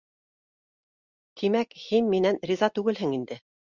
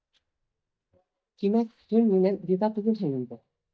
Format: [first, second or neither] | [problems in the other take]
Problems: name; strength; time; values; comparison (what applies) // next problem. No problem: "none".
first | noise reduction (neural mask model DeepFilterNet 3)